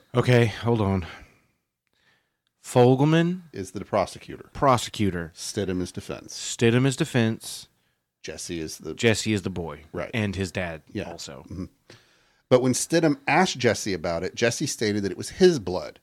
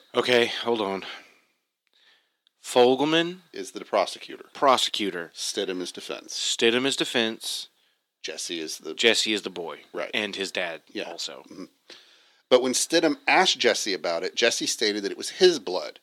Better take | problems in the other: first | thin; somewhat; fading below 300 Hz

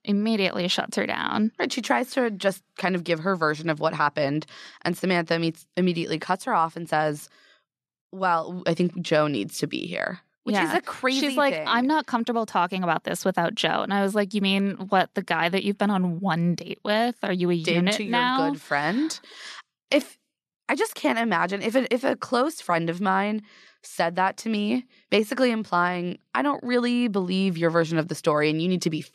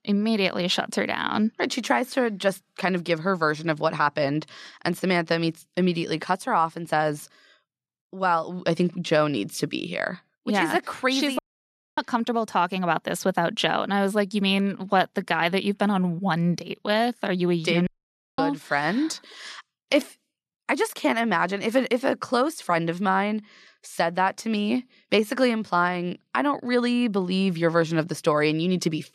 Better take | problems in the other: first | audio cutting out; at 11 s for 0.5 s and at 18 s for 0.5 s

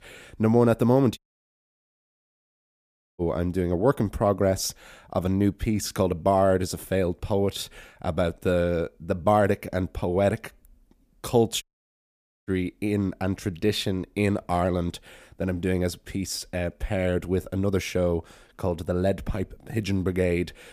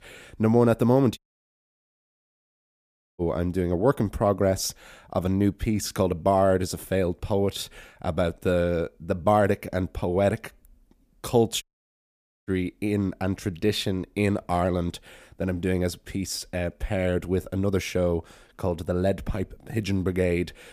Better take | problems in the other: neither | audio cutting out; at 1 s for 2 s and at 12 s for 1 s; the same in both

